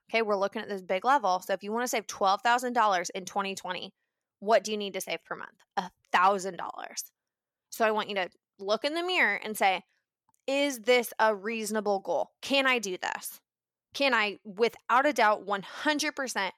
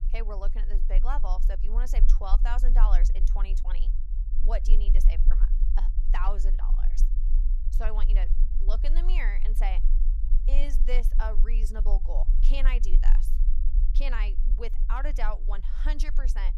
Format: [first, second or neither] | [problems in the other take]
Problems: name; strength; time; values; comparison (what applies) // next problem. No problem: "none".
first | low rumble; noticeable; throughout; 15 dB below the speech